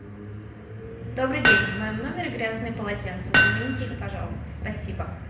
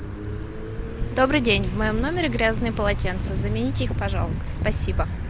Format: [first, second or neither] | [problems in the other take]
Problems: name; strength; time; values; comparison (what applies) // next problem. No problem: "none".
second | background sound (Hammer); 4 dB above the speech // room echo; dies away in 0.7 s